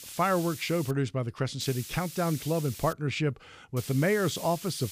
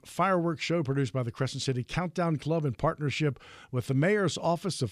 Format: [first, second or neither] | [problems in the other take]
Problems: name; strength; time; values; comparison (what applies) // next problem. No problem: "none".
second | hiss; noticeable; at the start, from 1.5 to 3 s and from 4 s on; 10 dB below the speech